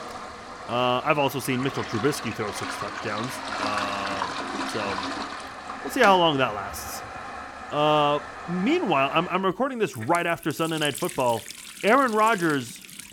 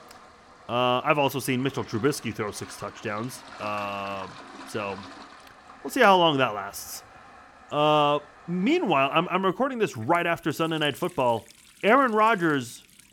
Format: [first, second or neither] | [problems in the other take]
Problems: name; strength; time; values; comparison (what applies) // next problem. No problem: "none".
second | household noises; loud; throughout; 9 dB below the speech; faint in the second